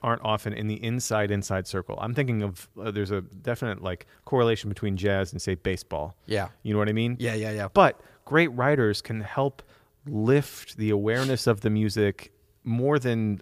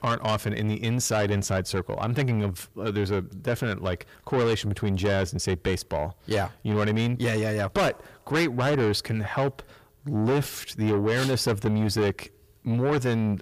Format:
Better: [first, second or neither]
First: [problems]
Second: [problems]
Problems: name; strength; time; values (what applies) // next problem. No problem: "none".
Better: first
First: none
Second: distortion; heavy; 7 dB below the speech